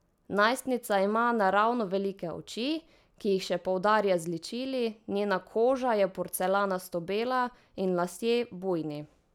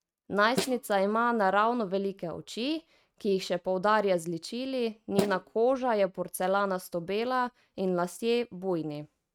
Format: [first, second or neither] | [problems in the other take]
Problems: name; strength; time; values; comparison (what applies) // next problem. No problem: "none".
first | noise reduction (neural mask model RNNoise)